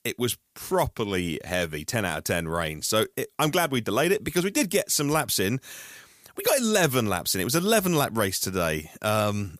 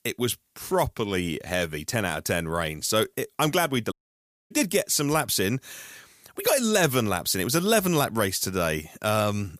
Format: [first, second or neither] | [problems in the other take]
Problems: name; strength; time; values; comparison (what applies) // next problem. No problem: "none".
first | audio cutting out; at 4 s for 0.5 s